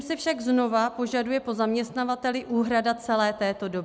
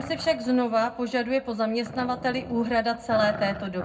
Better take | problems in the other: first | background sound (Growling); 14 dB below the speech // room echo; dies away in 0.3 s

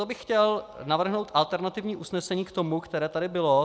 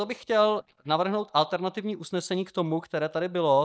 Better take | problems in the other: first | noise reduction (neural mask model DeepFilterNet 3)

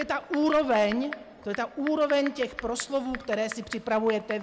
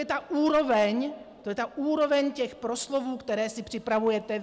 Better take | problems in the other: second | background sound (Typing); 14 dB below the speech

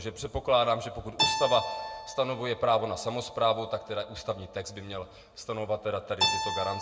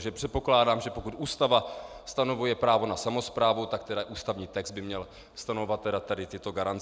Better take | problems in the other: second | background sound (Keyboard (musical)); 5 dB below the speech // room echo; dies away in 0.6 s

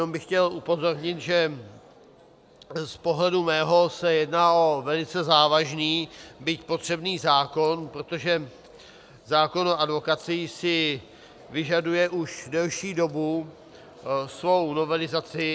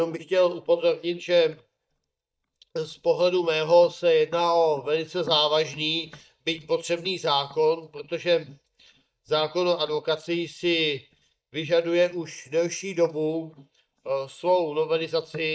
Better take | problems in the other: first | noise reduction (neural mask model DeepFilterNet 3)

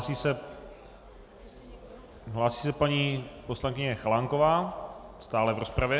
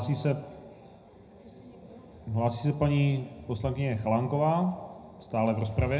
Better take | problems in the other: first | room echo; dies away in 0.5 s

